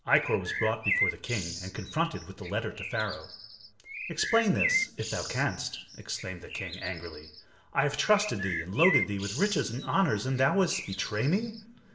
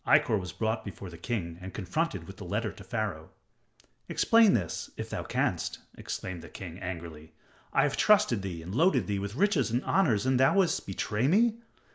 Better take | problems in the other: second | background sound (Bird); 6 dB below the speech // room echo; dies away in 0.7 s

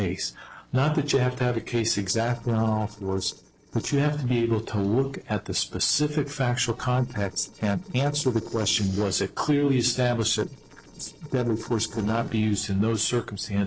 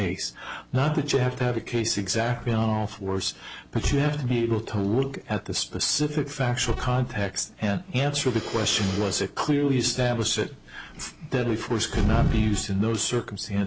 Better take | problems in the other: second | noise reduction (neural separator model SepFormer DNS4)

